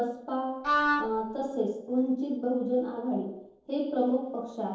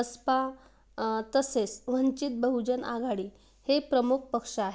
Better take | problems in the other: second | noise reduction (neural separator model SepFormer DNS4)

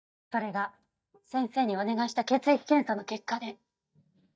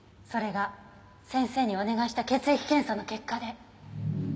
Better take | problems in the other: second | noise reduction (neural mask model DeepFilterNet 3)

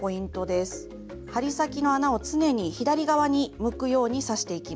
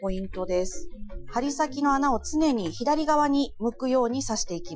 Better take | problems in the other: first | noise reduction (classical method Wiener filter)

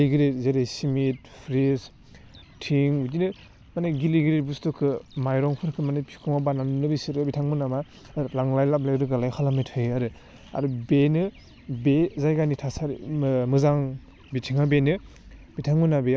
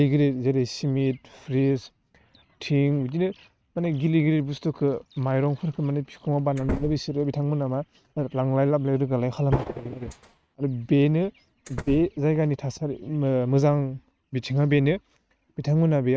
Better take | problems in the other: first | noise reduction (neural mask model RNNoise)

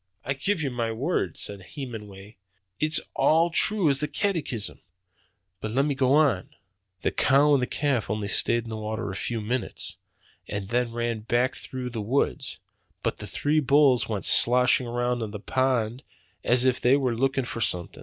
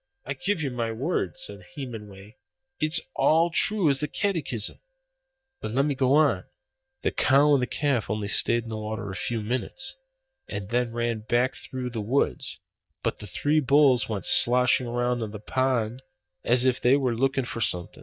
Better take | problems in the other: first | noise reduction (neural mask model DeepFilterNet 3)

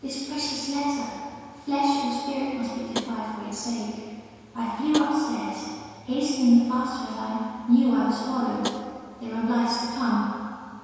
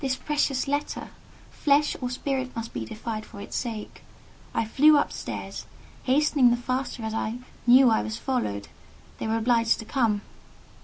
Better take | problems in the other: second | background sound (Tap); 13 dB below the speech // room echo; dies away in 1.9 s

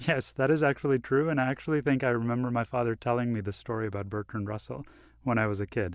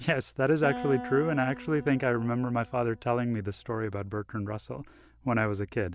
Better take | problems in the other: first | background sound (Acoustic guitar); 14 dB below the speech

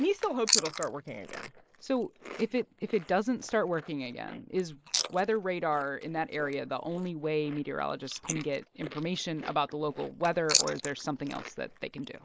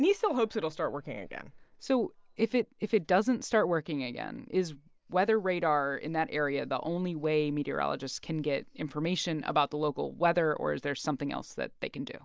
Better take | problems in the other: second | noise reduction (neural mask model Resemble Enhance denoiser)

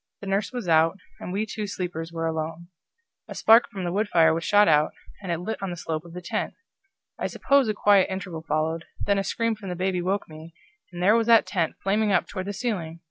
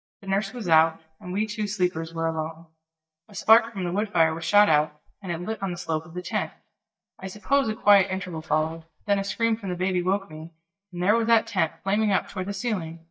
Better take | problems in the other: first | noise reduction (neural mask model DeepFilterNet 3)

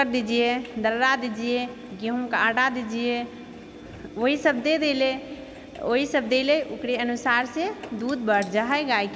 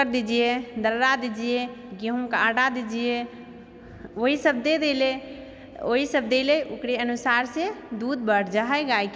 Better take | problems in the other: second | background sound (Engine); 19 dB below the speech

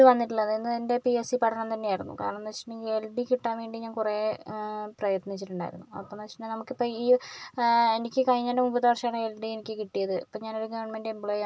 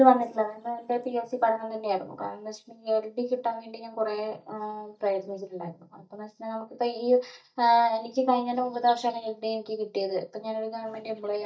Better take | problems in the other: first | noise reduction (neural mask model DeepFilterNet 3)

